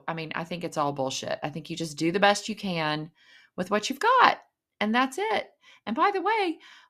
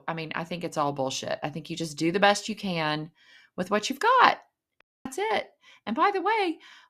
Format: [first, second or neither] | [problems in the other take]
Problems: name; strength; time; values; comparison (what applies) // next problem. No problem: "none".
first | audio cutting out; at 5 s